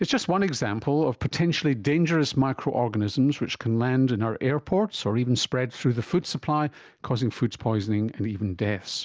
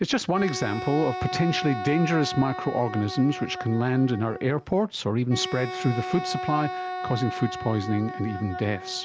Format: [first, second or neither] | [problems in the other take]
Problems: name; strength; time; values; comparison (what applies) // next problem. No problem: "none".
first | background sound (Wind instrument, woodwind instrument); 8 dB below the speech